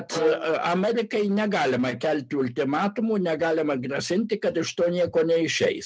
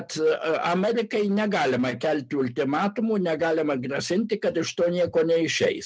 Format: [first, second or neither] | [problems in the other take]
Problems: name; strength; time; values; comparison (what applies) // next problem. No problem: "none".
second | background sound (Bowed string instrument); 12 dB below the speech